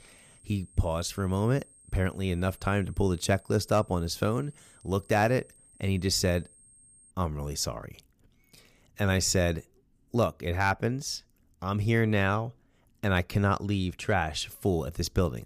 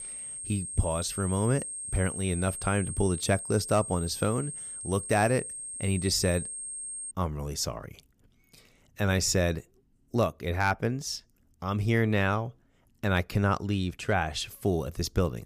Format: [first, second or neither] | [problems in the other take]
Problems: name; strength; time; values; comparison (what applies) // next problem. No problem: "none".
first | high-pitched whine; loud; until 7 s; 8.5 kHz, 7 dB below the speech; faint in the first